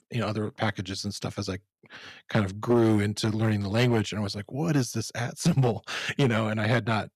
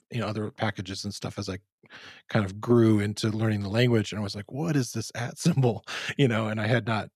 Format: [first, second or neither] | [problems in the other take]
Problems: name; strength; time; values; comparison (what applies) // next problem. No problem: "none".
second | distortion; slight; 3% of the sound clipped